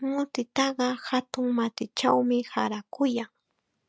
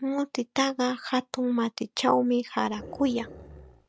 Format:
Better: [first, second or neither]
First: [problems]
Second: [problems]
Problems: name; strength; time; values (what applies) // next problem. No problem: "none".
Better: first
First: none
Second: background sound (Growling); 18 dB below the speech